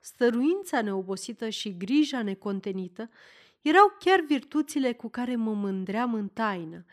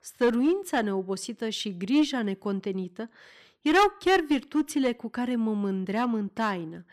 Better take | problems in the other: first | distortion; slight; 3% of the sound clipped

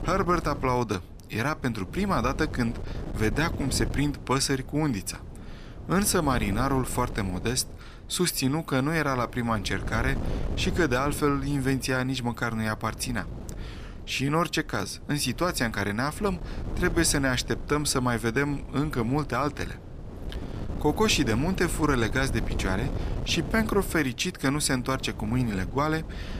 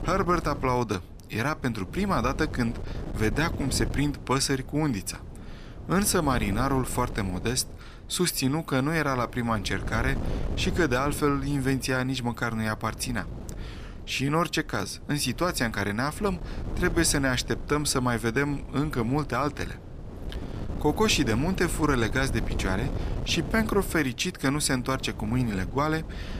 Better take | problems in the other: neither | wind noise on the microphone; occasional gusts; 15 dB below the speech; the same in both

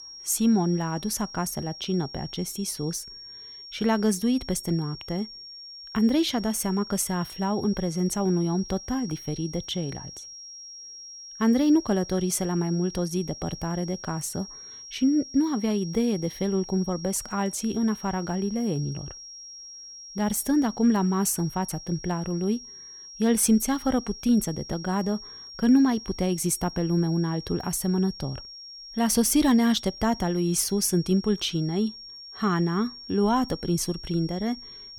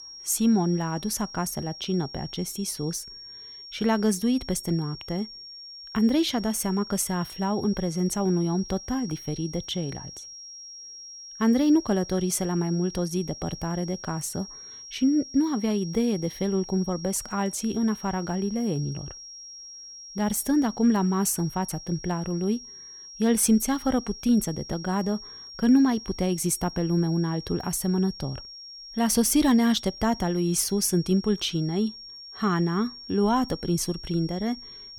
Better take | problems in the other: neither | high-pitched whine; noticeable; throughout; 5.5 kHz, 15 dB below the speech; the same in both

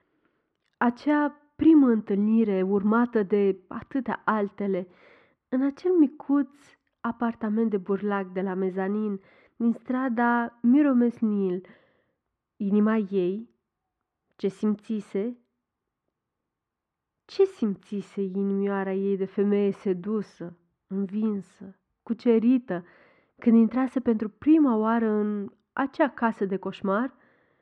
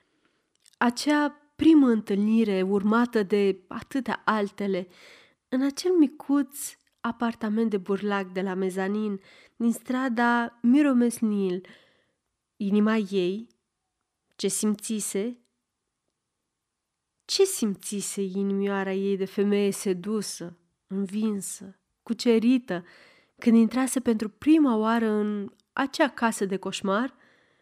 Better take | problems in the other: second | muffled; very; fading above 1.5 kHz

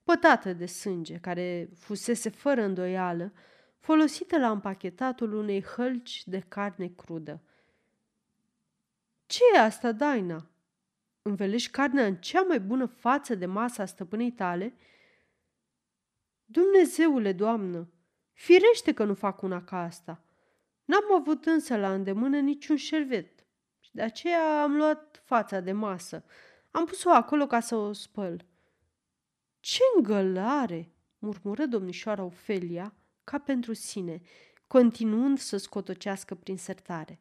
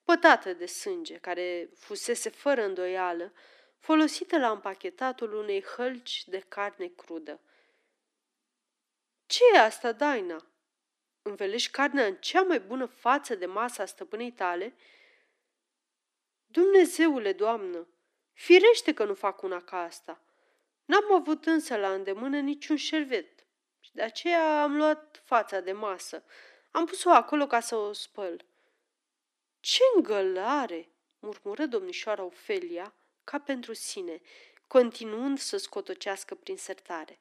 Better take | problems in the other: first | thin; somewhat; fading below 300 Hz

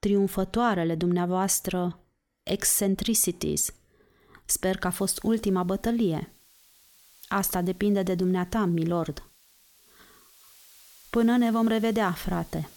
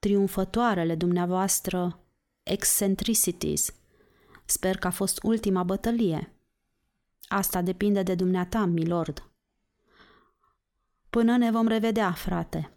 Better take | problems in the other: second | hiss; faint; from 5 s on; 25 dB below the speech

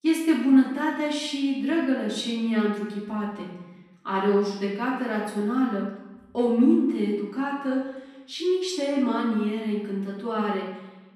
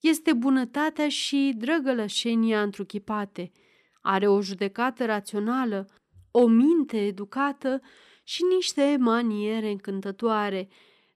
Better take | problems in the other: second | off-mic speech; far // room echo; noticeable; dies away in 0.9 s

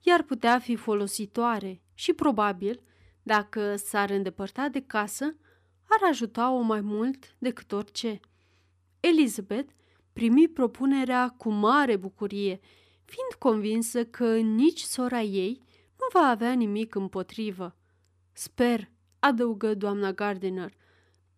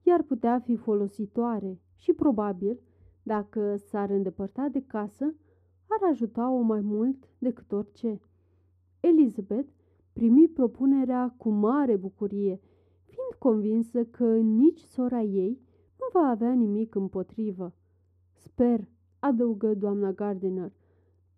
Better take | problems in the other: first | muffled; very; fading above 1 kHz

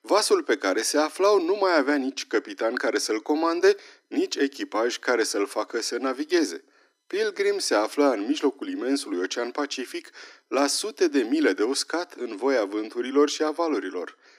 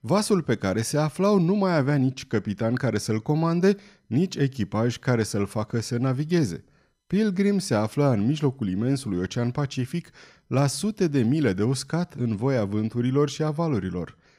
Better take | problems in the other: second | thin; somewhat; fading below 300 Hz

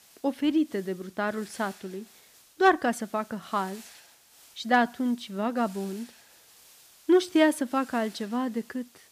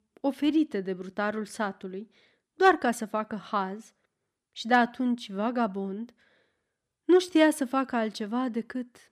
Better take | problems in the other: second | hiss; faint; throughout; 25 dB below the speech

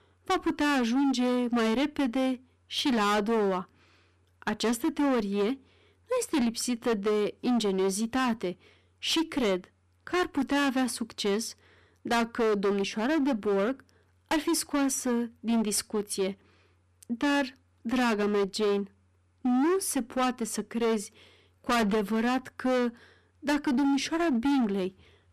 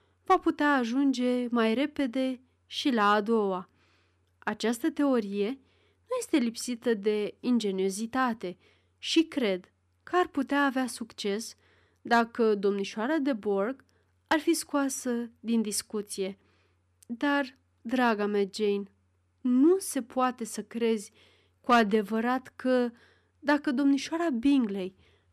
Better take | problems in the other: second | distortion; heavy; 17% of the sound clipped

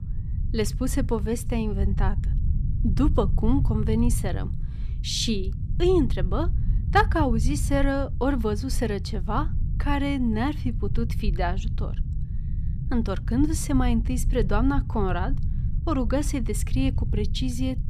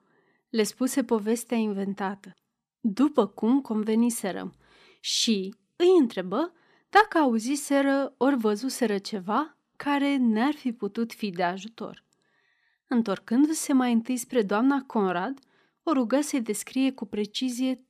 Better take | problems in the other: second | low rumble; noticeable; throughout; 15 dB below the speech

